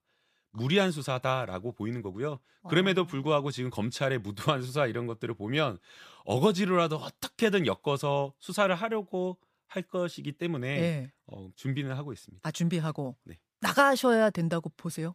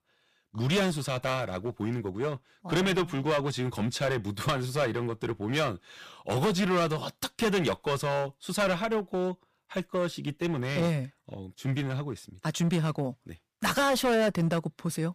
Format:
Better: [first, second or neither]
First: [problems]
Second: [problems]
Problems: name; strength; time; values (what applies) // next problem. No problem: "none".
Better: first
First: none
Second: distortion; heavy; 11% of the sound clipped